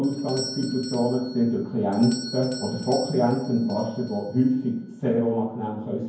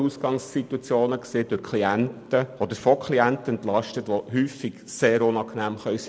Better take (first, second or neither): second